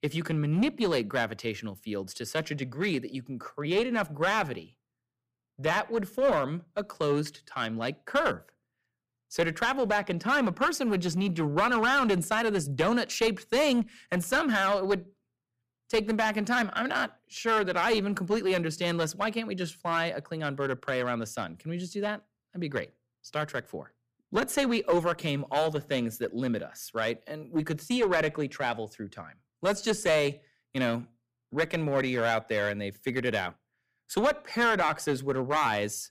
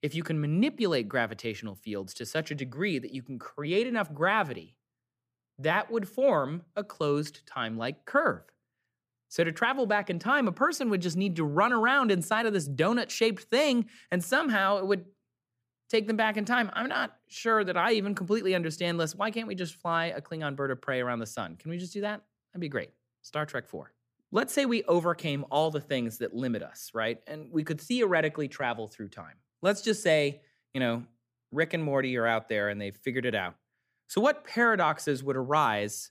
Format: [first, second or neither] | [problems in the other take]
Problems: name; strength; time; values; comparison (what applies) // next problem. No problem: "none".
second | distortion; slight; 5% of the sound clipped